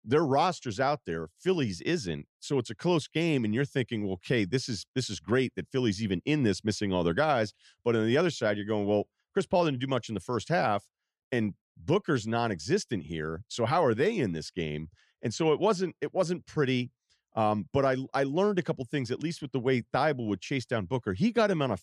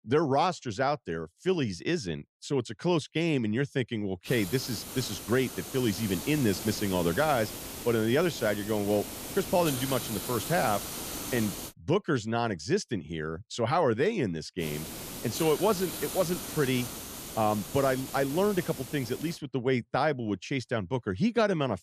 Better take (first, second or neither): first